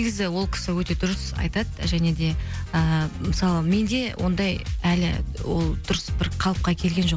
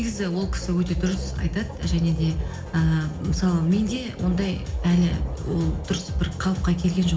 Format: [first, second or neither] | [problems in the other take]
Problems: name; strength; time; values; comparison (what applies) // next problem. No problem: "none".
first | background sound (Subway, metro, underground); 18 dB below the speech // room echo; dies away in 0.4 s